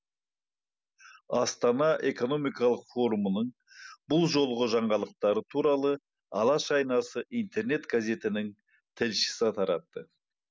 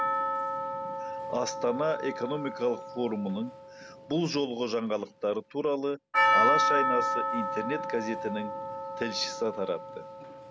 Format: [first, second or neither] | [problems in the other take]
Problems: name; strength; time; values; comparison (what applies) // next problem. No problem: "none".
first | background sound (Percussion); 1 dB above the speech